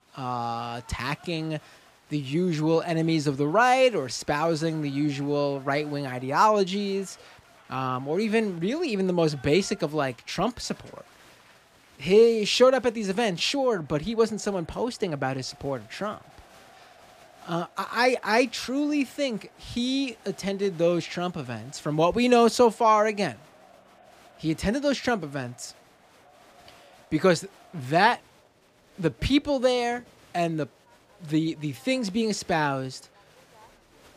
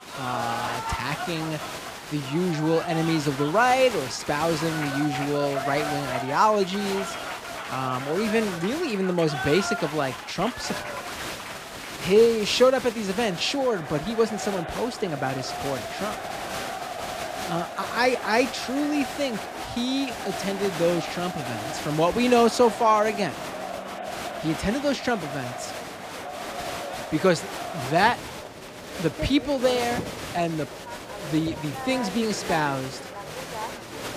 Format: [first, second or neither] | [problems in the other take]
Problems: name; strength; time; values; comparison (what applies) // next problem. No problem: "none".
first | crowd noise; loud; throughout; 8 dB below the speech; faint in the first